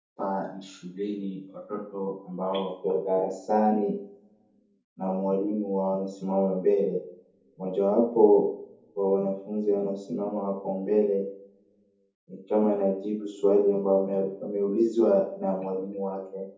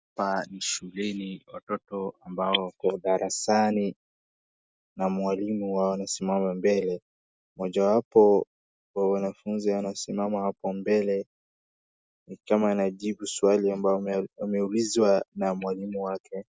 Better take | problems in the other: second | room echo; dies away in 0.6 s

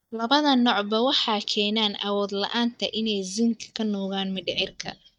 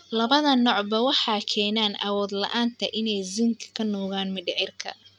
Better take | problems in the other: second | noise reduction (neural mask model DeepFilterNet 3)

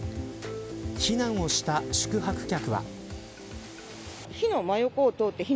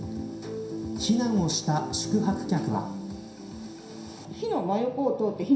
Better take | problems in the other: first | room echo; dies away in 0.7 s

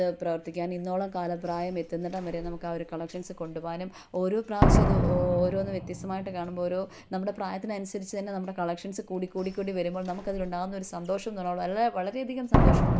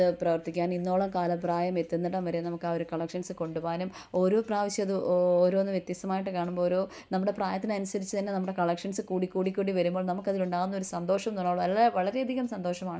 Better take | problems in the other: second | background sound (Slam); 1 dB above the speech

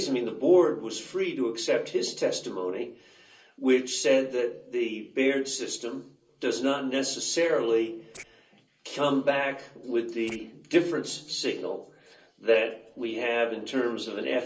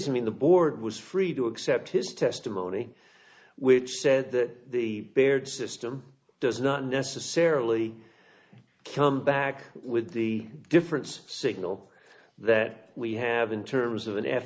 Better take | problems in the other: second | noise reduction (neural separator model SepFormer DNS4)

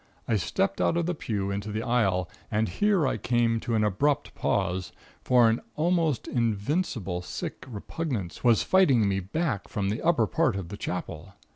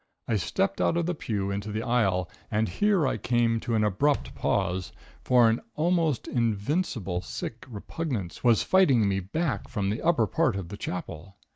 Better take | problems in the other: first | noise reduction (neural mask model DeepFilterNet 3)

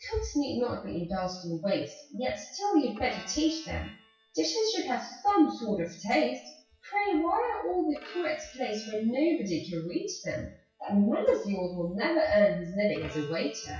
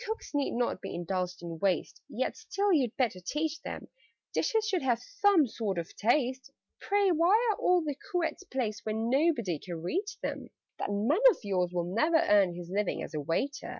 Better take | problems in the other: second | noise reduction (classical method WPE with log-MMSE)

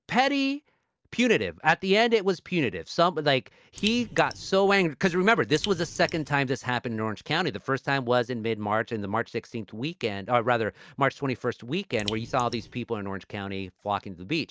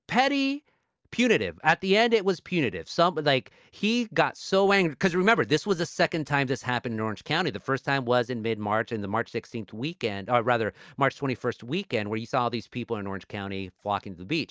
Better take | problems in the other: second | background sound (Raindrop); 14 dB below the speech

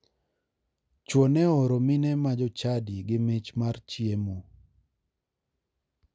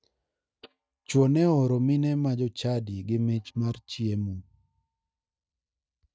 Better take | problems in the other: first | noise reduction (neural mask model DeepFilterNet 3)

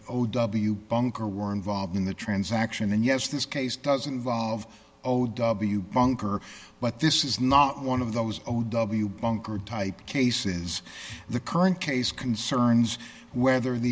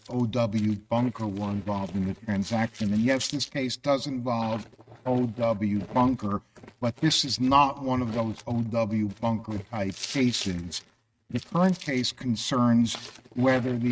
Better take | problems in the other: first | noise reduction (neural mask model RNNoise)

